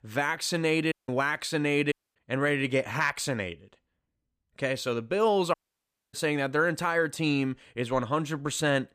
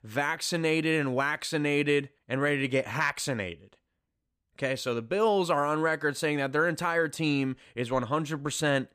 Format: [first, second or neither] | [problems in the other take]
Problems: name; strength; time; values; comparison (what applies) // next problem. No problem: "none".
second | audio cutting out; at 1 s, at 2 s and at 5.5 s for 0.5 s